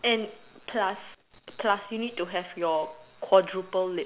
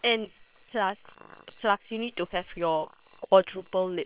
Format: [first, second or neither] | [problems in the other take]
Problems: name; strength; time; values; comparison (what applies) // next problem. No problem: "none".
first | noise reduction (neural separator model SepFormer WHAM!)